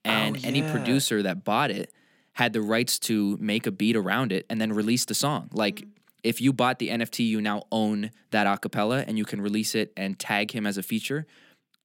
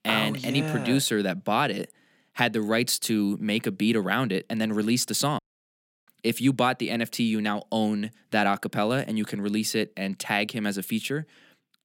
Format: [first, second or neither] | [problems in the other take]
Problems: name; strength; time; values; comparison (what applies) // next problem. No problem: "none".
first | audio cutting out; at 5.5 s for 0.5 s